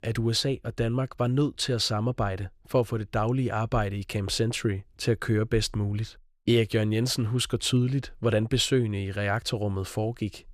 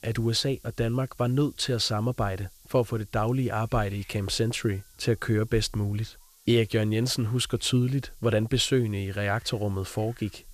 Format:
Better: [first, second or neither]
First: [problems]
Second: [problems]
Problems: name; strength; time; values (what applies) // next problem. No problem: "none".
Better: first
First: none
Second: hiss; faint; throughout; 25 dB below the speech